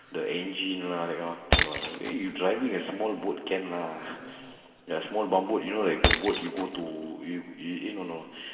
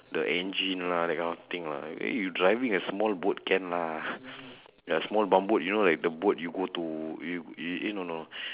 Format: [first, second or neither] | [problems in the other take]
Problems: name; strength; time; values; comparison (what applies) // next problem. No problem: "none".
second | background sound (Shatter); 4 dB below the speech // room echo; dies away in 2.8 s